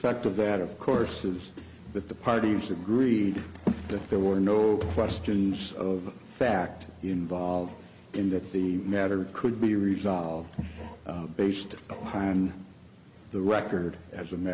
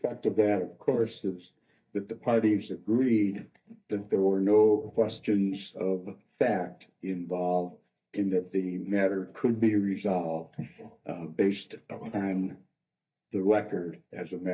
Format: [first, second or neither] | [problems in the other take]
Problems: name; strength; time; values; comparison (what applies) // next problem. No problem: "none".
first | noise reduction (neural mask model DeepFilterNet 3)